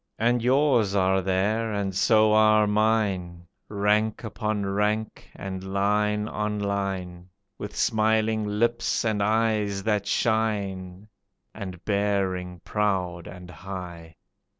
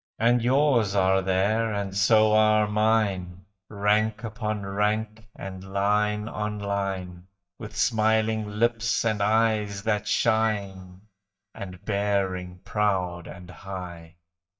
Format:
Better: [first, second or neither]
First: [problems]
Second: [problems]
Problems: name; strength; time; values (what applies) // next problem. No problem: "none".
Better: first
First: none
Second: noise reduction (neural mask model DeepFilterNet 3)